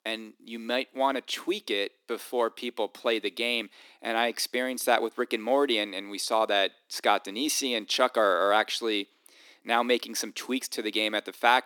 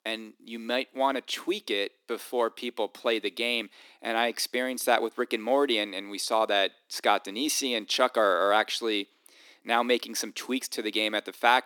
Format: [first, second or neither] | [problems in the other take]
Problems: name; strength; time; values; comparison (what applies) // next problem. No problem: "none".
neither | thin; somewhat; fading below 250 Hz; the same in both